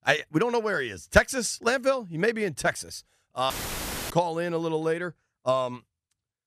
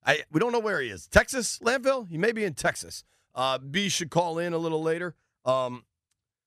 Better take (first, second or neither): second